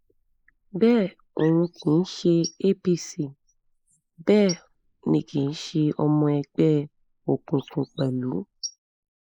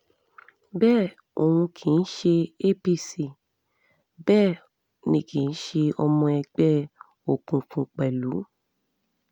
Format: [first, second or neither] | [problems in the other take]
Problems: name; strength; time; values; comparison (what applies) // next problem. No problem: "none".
second | noise reduction (neural mask model Resemble Enhance denoiser)